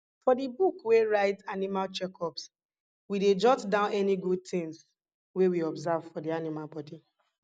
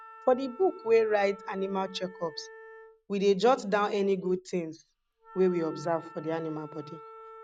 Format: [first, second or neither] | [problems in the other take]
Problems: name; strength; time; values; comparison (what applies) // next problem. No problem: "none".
first | background sound (Wind instrument, woodwind instrument); 20 dB below the speech